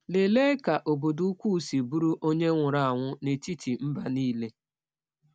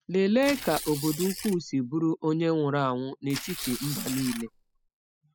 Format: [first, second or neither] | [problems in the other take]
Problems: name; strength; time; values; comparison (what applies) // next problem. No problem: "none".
first | noise reduction (classical method spectral subtraction)